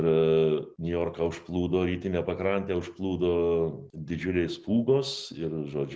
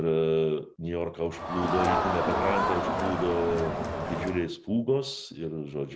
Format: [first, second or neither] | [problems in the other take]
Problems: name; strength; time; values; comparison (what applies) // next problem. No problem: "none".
first | background sound (Crowd); as loud as the speech